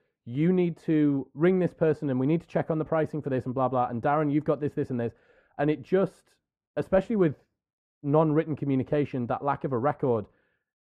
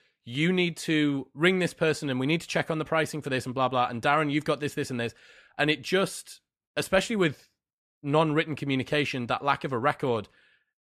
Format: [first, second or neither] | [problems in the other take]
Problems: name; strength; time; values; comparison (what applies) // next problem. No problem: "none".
second | muffled; very; fading above 2 kHz